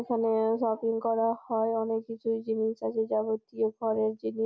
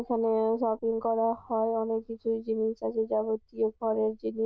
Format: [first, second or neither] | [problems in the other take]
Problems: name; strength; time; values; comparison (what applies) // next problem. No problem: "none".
first | noise reduction (neural diffusion model UNIVERSE++)